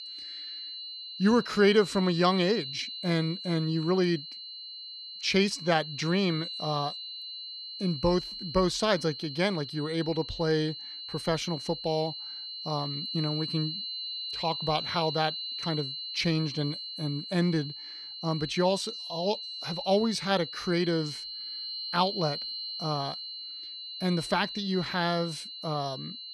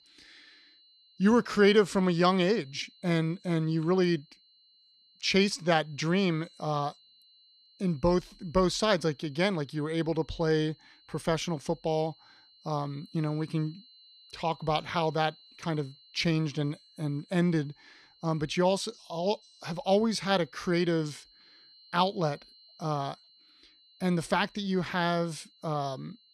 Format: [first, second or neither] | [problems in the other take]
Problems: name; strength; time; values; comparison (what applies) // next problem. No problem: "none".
second | high-pitched whine; loud; throughout; 4 kHz, 7 dB below the speech; faint in the second